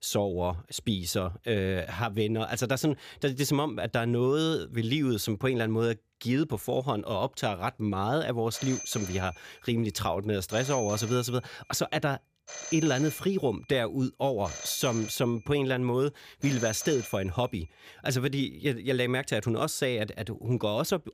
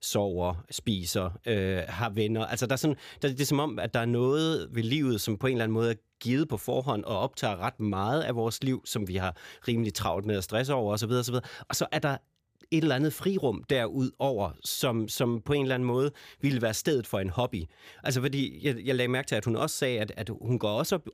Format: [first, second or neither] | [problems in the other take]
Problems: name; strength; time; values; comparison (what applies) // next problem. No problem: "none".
second | phone ringing; noticeable; from 8.5 to 17 s; peak 7 dB below the speech